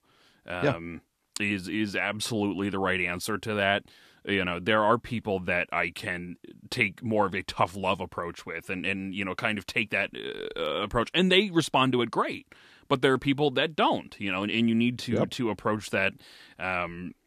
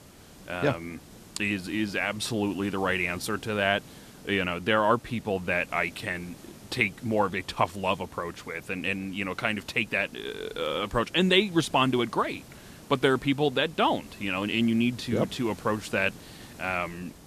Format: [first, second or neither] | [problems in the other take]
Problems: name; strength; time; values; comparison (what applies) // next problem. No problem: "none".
first | hiss; faint; throughout; 20 dB below the speech